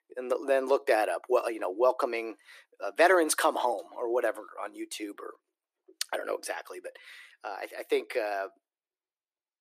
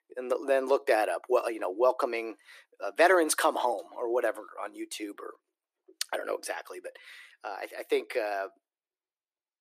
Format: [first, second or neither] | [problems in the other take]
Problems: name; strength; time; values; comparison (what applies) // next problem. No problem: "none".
neither | thin; very; fading below 350 Hz; the same in both